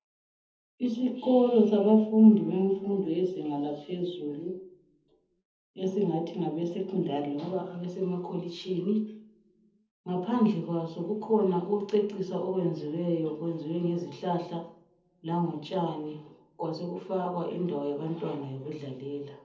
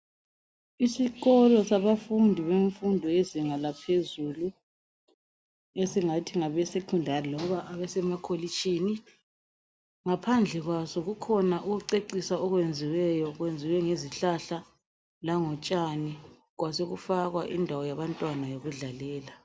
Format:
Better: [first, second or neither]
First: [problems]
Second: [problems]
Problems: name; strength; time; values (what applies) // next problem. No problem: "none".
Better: second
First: room echo; dies away in 0.7 s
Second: none